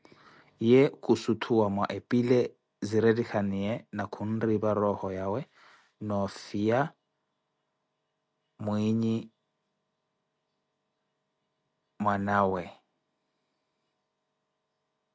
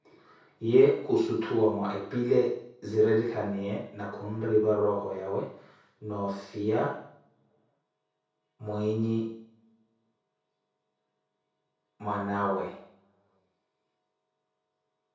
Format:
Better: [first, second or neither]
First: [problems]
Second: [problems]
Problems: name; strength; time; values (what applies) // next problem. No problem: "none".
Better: first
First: none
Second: room echo; dies away in 0.6 s